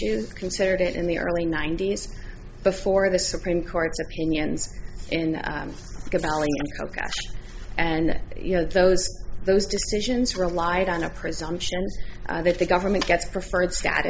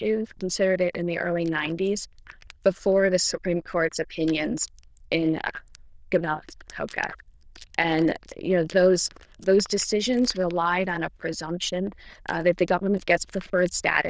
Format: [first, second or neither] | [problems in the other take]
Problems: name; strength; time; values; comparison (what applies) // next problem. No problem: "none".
first | noise reduction (neural diffusion model UNIVERSE++)